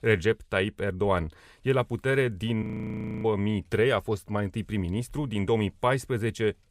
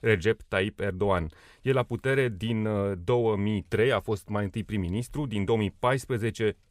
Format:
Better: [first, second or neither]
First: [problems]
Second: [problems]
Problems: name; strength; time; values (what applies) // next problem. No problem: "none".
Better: second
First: audio freezing; at 2.5 s for 0.5 s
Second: none